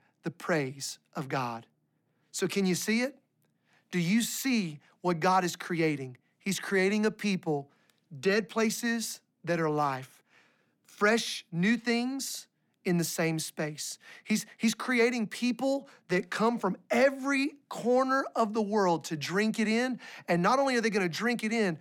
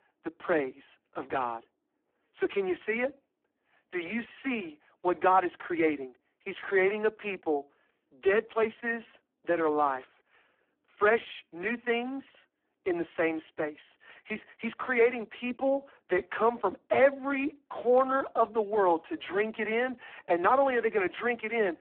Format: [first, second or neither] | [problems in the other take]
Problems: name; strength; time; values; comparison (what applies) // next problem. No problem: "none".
first | phone-call audio; poor line